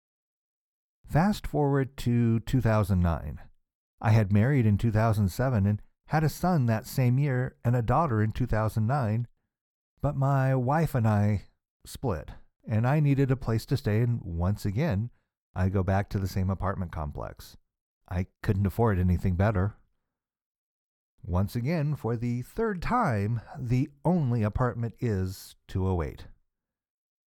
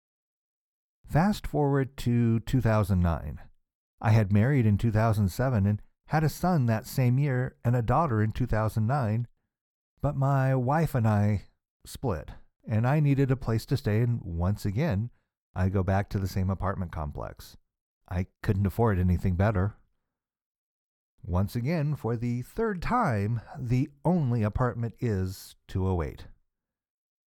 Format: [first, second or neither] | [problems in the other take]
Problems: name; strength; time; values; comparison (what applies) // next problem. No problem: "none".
neither | none